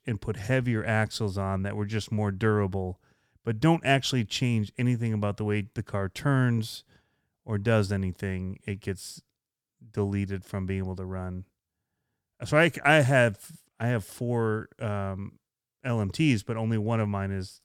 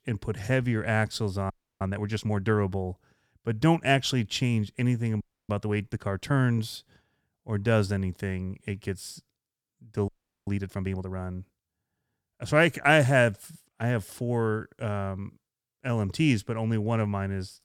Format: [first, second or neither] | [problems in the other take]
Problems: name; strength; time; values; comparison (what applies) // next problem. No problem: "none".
first | audio freezing; at 1.5 s, at 5 s and at 10 s